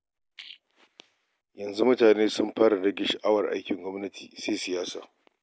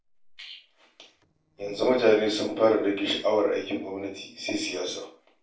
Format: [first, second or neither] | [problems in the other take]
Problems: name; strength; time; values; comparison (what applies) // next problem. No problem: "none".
first | noise reduction (neural separator model SepFormer DNS4)